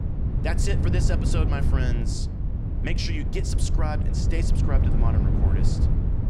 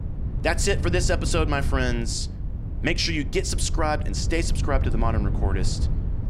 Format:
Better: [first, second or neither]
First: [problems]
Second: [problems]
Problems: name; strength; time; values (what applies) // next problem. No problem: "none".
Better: second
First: wind noise on the microphone; heavy; 3 dB below the speech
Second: wind noise on the microphone; occasional gusts; 15 dB below the speech